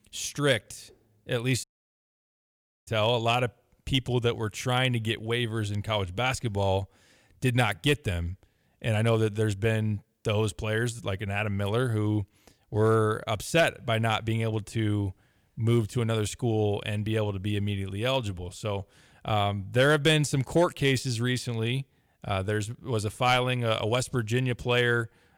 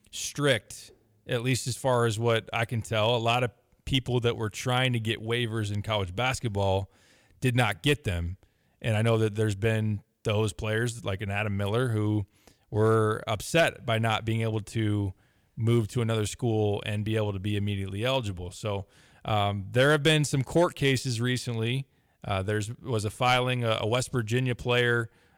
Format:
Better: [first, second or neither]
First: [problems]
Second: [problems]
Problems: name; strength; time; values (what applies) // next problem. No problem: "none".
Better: second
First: audio cutting out; at 1.5 s for 1 s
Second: none